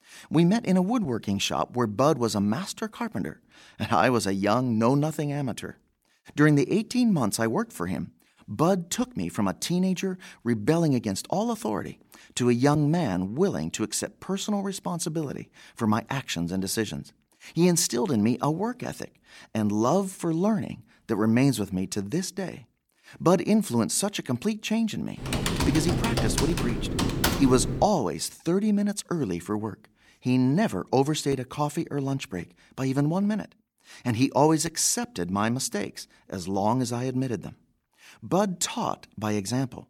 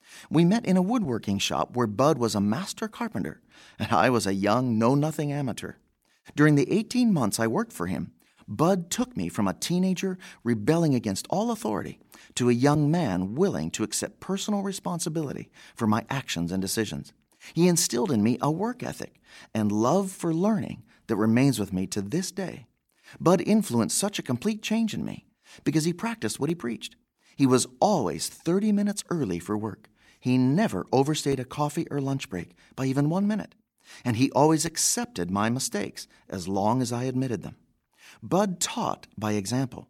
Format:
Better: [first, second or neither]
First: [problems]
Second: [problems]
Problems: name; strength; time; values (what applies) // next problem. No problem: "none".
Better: second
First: keyboard typing; loud; from 25 to 28 s; peak 1 dB above the speech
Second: none